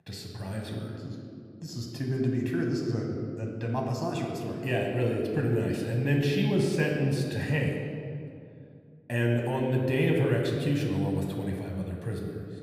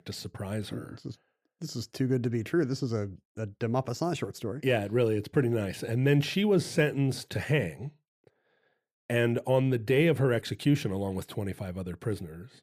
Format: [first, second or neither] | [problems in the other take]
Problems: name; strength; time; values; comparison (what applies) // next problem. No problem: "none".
second | room echo; noticeable; dies away in 1.9 s // off-mic speech; somewhat distant